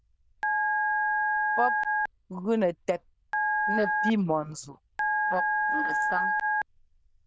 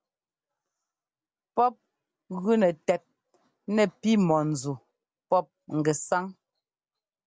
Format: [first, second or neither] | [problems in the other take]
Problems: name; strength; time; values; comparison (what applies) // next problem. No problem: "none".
second | noise reduction (neural diffusion model UNIVERSE++)